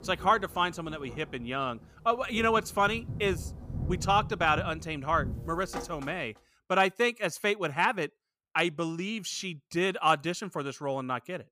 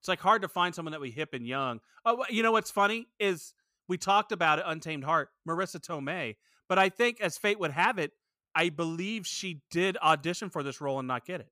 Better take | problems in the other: second | rain or running water; noticeable; until 5.5 s; 10 dB below the speech

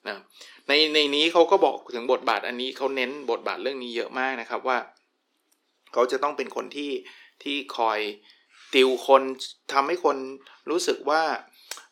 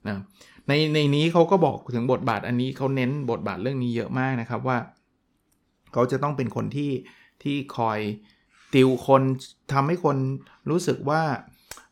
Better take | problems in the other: second | thin; somewhat; fading below 300 Hz

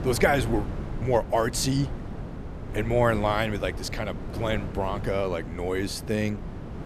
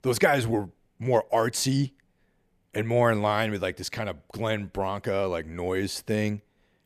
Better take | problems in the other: second | wind noise on the microphone; occasional gusts; 15 dB below the speech

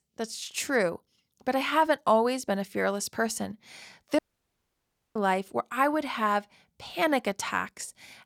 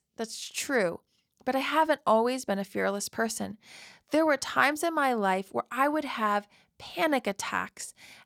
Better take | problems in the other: second | audio cutting out; at 4 s for 1 s

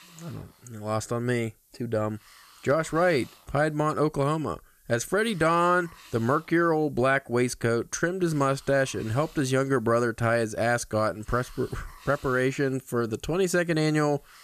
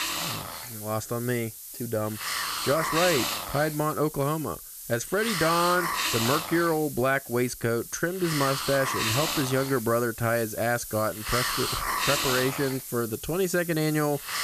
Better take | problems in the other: first | hiss; loud; throughout; 3 dB below the speech; faint in the first

